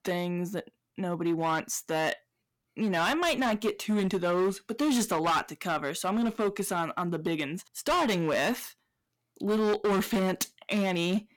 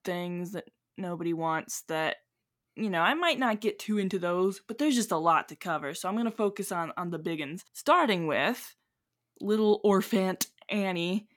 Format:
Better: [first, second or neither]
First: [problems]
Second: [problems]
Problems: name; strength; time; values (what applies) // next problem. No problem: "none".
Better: second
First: distortion; heavy; 12% of the sound clipped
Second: none